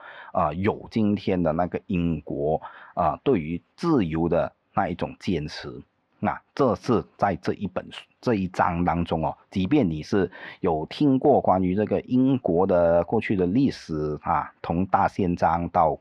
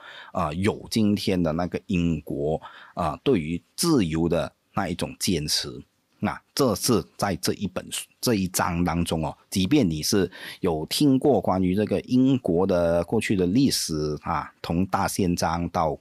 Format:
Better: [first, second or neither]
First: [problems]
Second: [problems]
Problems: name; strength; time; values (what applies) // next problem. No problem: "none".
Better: second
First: muffled; very; fading above 2 kHz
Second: none